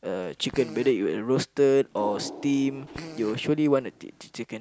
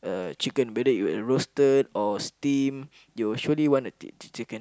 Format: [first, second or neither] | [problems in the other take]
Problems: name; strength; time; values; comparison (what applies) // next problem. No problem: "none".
second | background sound (Water + Fart); 16 dB below the speech